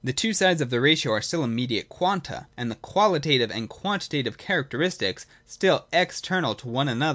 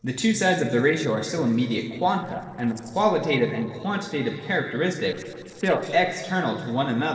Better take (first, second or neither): first